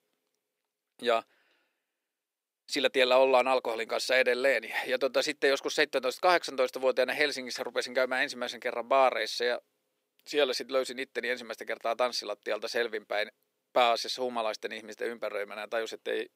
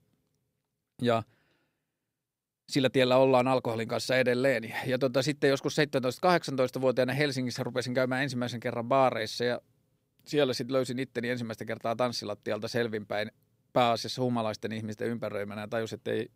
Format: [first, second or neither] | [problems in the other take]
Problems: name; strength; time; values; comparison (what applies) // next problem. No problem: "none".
second | thin; somewhat; fading below 400 Hz